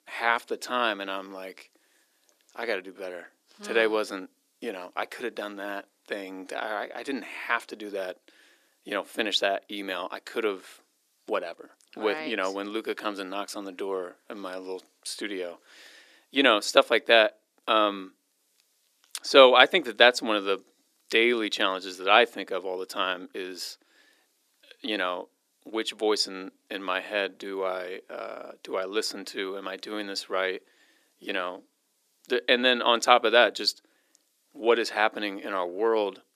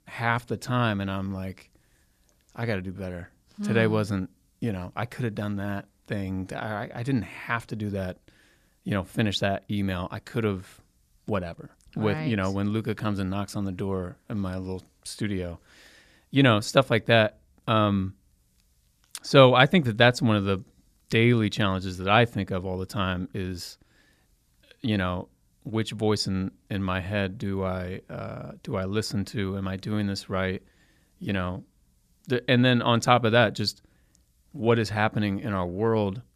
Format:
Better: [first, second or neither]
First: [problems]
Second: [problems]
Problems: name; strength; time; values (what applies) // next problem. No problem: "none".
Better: second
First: thin; somewhat; fading below 300 Hz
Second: none